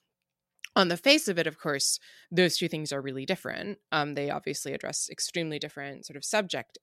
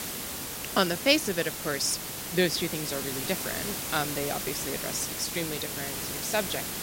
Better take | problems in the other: first | hiss; loud; throughout; 3 dB below the speech

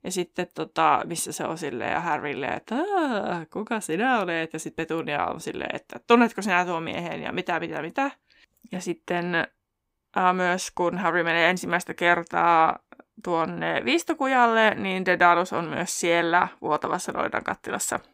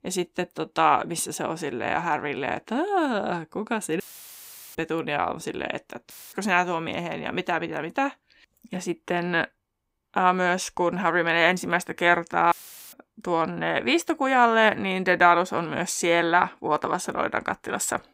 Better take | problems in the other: first | audio cutting out; filled with static; at 4 s for 1 s, at 6 s and at 13 s

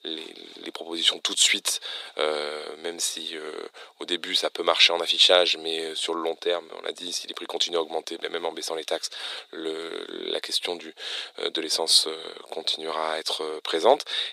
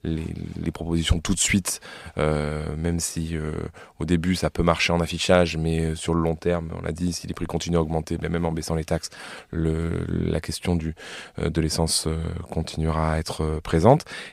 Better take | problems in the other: second | thin; very; fading below 350 Hz

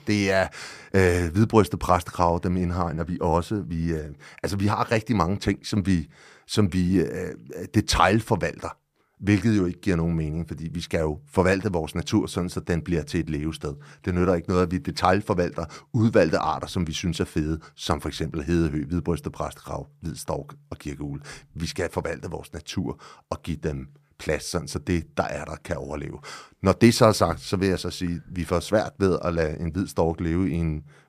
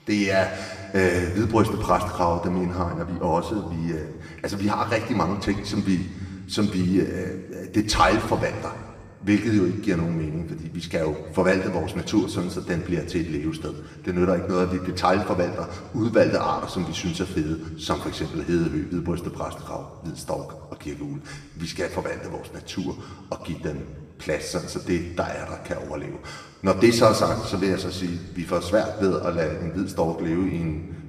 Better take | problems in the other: first | room echo; slight; dies away in 1.4 s // off-mic speech; somewhat distant

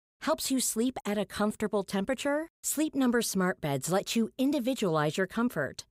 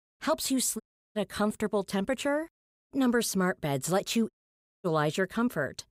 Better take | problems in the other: first | audio cutting out; at 1 s, at 2.5 s and at 4.5 s for 0.5 s

